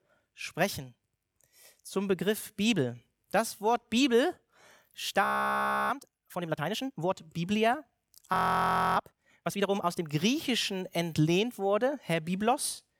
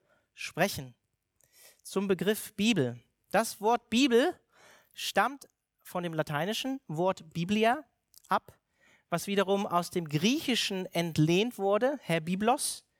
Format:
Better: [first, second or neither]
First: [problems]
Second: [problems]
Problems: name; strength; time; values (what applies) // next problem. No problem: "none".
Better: second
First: audio freezing; at 5 s for 0.5 s and at 8.5 s for 0.5 s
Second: none